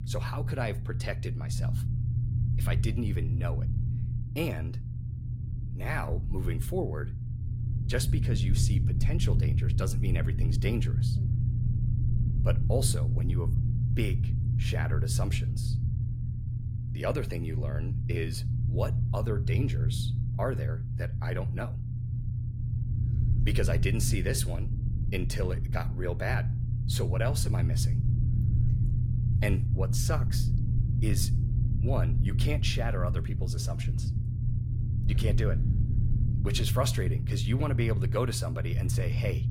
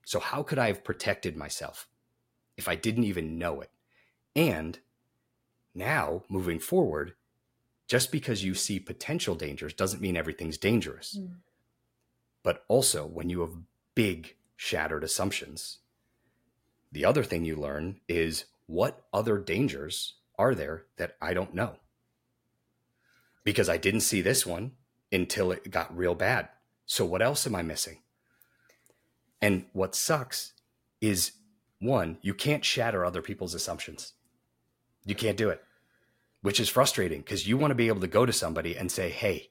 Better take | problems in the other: second | low rumble; loud; throughout; 6 dB below the speech

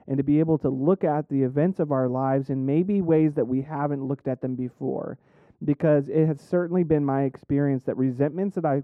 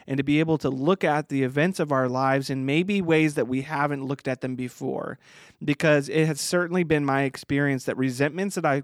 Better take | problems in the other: second | muffled; very; fading above 1.5 kHz

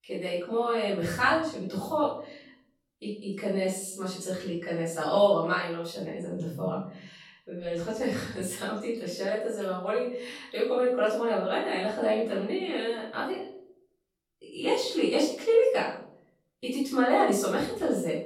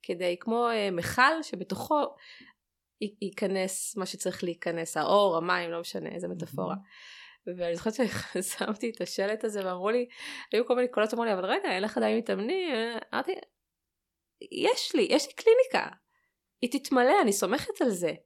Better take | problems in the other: second | off-mic speech; far // room echo; noticeable; dies away in 0.6 s

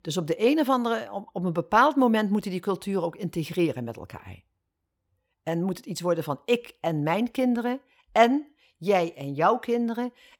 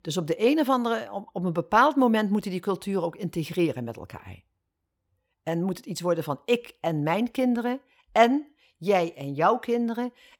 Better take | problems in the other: neither | none

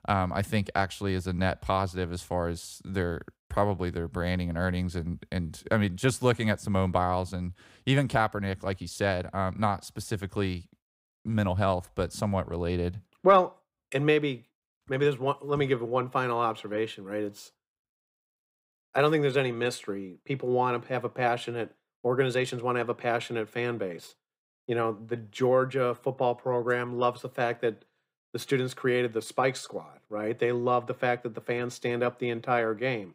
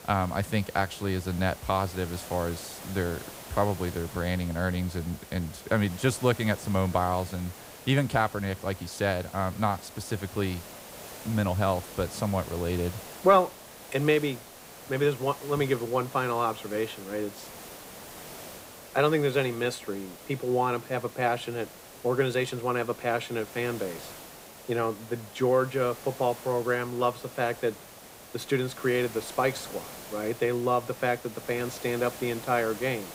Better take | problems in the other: first | hiss; noticeable; throughout; 15 dB below the speech

